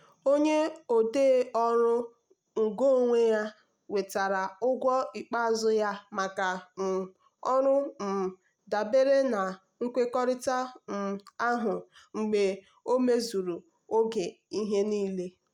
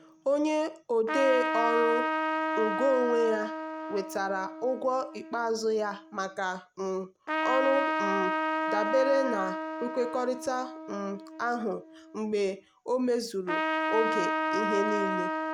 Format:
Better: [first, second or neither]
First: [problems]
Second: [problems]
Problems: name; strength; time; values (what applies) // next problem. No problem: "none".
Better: first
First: none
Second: background sound (Trumpet); 2 dB below the speech